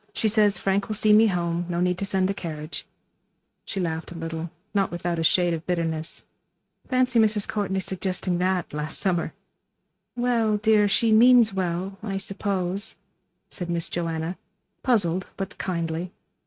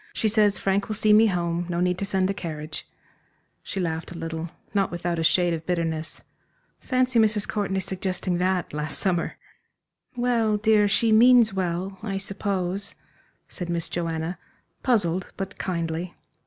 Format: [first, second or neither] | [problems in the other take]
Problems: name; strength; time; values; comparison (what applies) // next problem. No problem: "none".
second | noise reduction (neural mask model RNNoise)